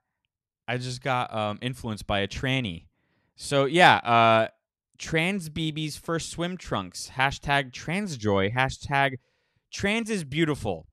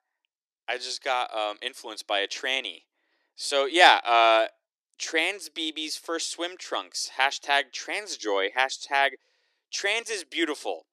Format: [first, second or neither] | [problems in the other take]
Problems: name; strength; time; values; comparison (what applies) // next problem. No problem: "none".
first | thin; very; fading below 300 Hz